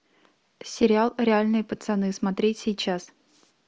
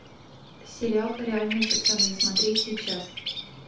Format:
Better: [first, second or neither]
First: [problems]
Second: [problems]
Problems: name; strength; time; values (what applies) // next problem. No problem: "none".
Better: first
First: none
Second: background sound (Bird vocalization, bird call, bird song); 1 dB above the speech // room echo; dies away in 0.3 s